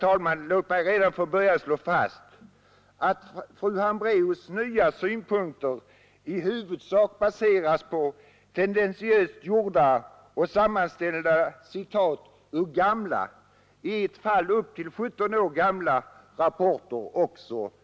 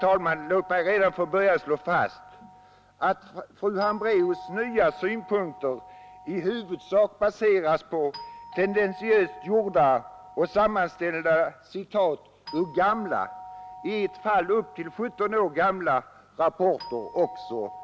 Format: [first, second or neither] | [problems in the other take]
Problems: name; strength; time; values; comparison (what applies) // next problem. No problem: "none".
first | background sound (Doorbell); 18 dB below the speech